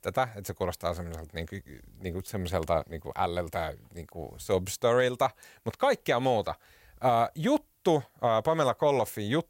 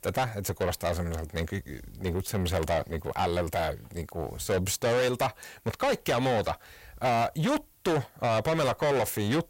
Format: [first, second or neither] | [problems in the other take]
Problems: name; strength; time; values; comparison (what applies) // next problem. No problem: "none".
first | distortion; heavy; 6 dB below the speech